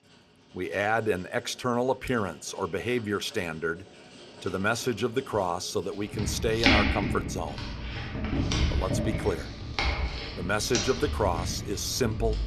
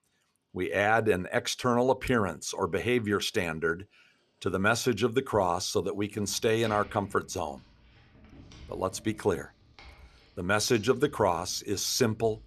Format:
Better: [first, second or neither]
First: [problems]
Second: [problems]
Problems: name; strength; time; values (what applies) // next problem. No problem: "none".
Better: second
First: household noises; loud; throughout; as loud as the speech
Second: household noises; faint; throughout; 25 dB below the speech